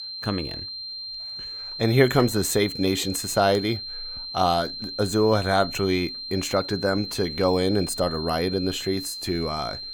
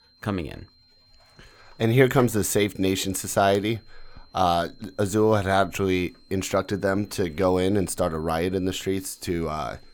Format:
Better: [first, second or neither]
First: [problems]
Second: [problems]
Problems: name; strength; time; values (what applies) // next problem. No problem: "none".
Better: second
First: high-pitched whine; loud; throughout; 4 kHz, 8 dB below the speech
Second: high-pitched whine; faint; throughout; 4 kHz, 35 dB below the speech